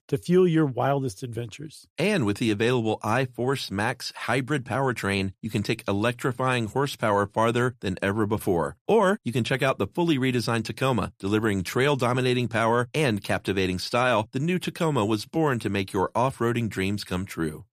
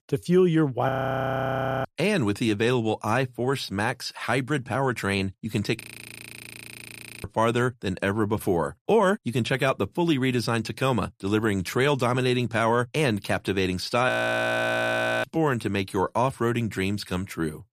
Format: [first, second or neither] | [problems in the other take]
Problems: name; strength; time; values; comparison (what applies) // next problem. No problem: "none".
first | audio freezing; at 1 s for 1 s, at 6 s for 1.5 s and at 14 s for 1 s